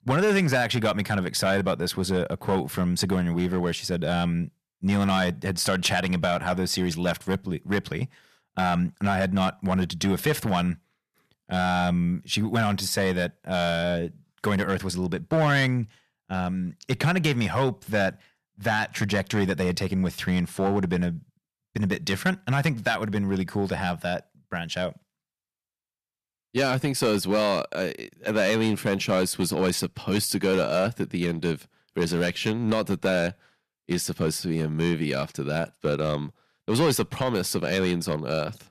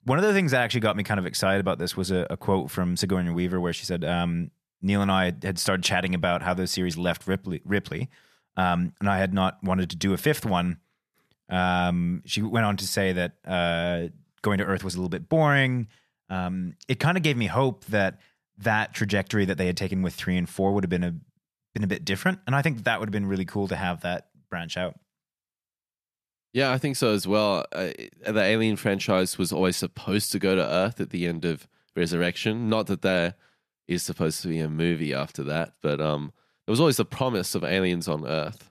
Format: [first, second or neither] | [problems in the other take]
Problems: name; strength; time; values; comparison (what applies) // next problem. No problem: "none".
second | distortion; slight; 4% of the sound clipped